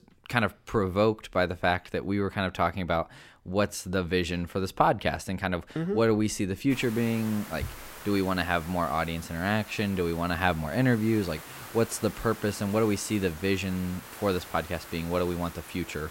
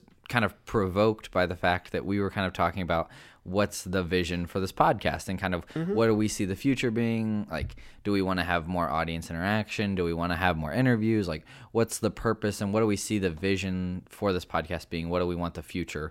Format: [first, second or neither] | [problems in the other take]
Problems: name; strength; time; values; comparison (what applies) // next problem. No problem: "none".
second | hiss; noticeable; from 6.5 s on; 15 dB below the speech